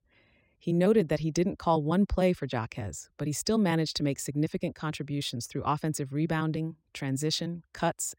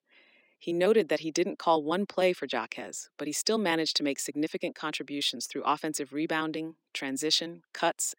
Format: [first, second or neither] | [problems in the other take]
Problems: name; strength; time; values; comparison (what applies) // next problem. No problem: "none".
first | thin; somewhat; fading below 250 Hz